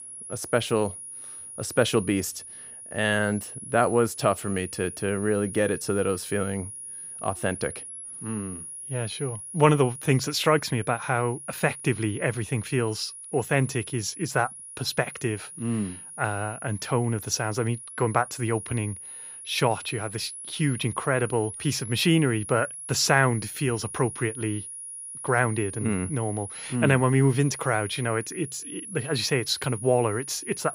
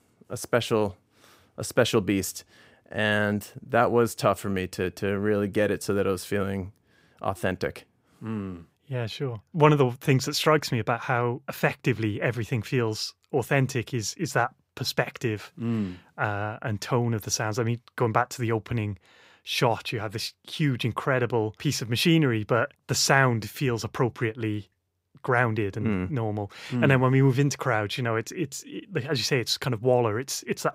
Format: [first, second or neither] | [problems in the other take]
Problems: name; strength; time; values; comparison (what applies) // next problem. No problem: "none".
second | high-pitched whine; noticeable; throughout; 10.5 kHz, 10 dB below the speech